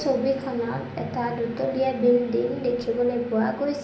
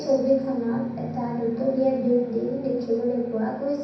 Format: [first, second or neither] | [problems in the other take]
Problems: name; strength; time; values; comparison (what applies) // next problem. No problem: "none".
first | room echo; dies away in 0.6 s